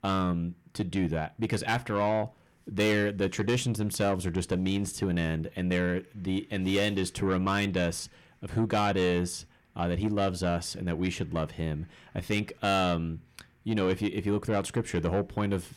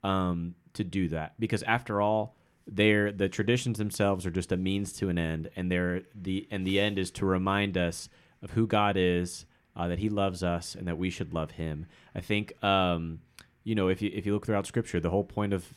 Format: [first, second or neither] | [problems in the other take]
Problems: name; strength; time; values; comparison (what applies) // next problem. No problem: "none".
second | distortion; slight; 10 dB below the speech